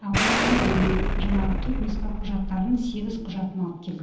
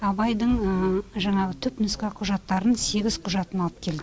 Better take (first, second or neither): second